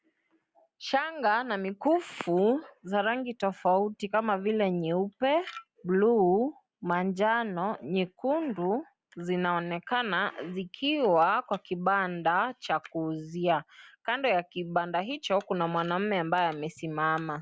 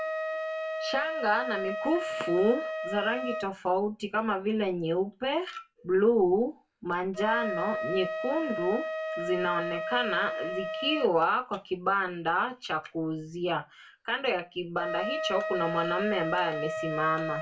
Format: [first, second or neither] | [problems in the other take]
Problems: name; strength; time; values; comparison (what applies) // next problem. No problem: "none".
first | background sound (Wind instrument, woodwind instrument); 6 dB below the speech // room echo; dies away in 0.2 s